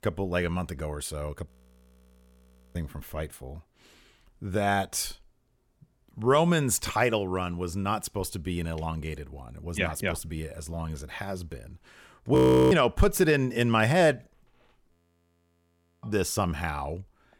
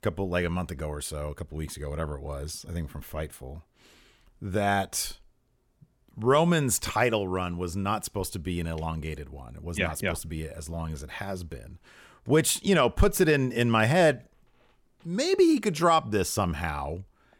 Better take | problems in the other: second | audio freezing; at 1.5 s for 1.5 s, at 12 s and at 15 s for 1 s

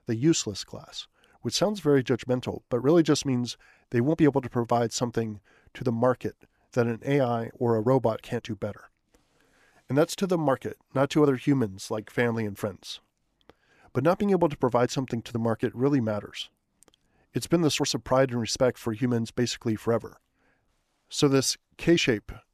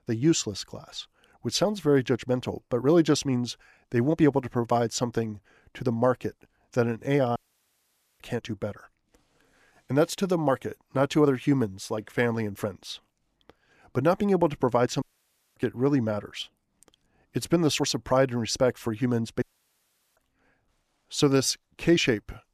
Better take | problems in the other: first | audio cutting out; at 7.5 s for 1 s, at 15 s for 0.5 s and at 19 s for 1 s

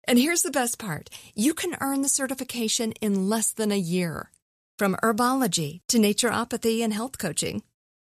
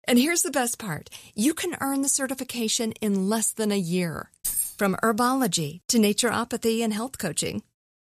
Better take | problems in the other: first | jangling keys; noticeable; at 4.5 s; peak 1 dB below the speech

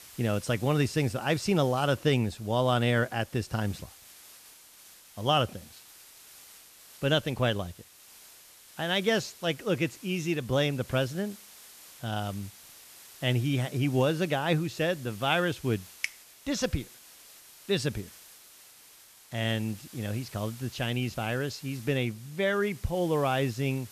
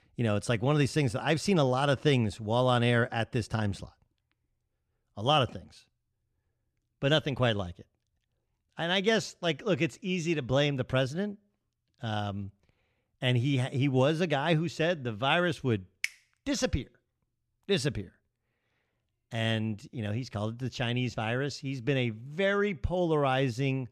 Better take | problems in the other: second | hiss; noticeable; throughout; 20 dB below the speech

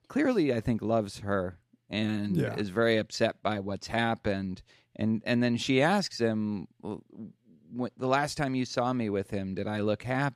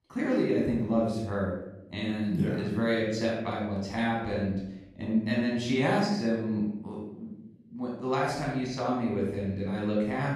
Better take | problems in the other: first | off-mic speech; far // room echo; noticeable; dies away in 0.9 s

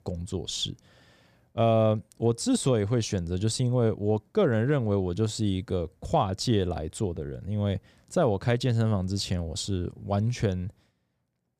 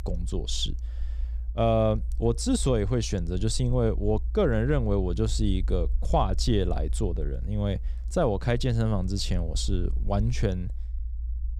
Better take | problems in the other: first | low rumble; faint; throughout; 25 dB below the speech

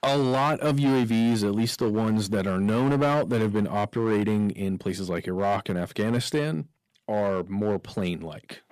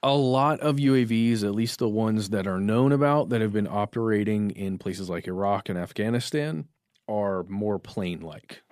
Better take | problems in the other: second | distortion; slight; 10% of the sound clipped

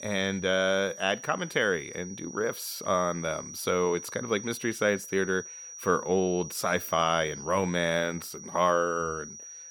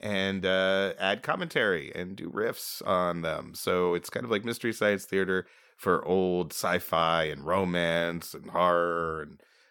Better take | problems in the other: second | high-pitched whine; noticeable; throughout; 6 kHz, 15 dB below the speech

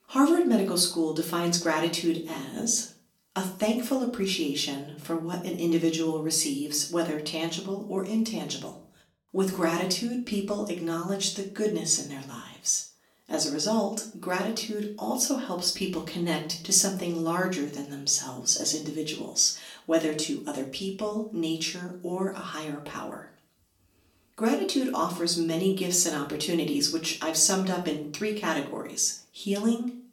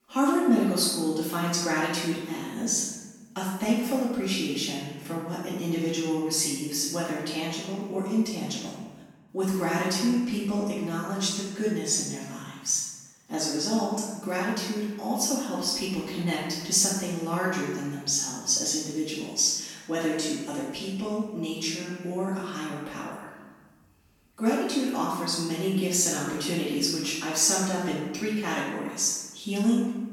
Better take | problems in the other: first | room echo; strong; dies away in 1.3 s; slight in the first // off-mic speech; far; far in the first

